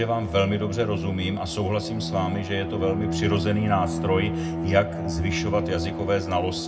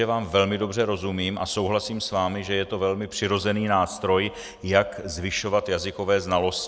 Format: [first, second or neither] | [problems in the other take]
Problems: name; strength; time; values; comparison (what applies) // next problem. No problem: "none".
second | background sound (Bowed string instrument); 4 dB below the speech // room echo; dies away in 0.2 s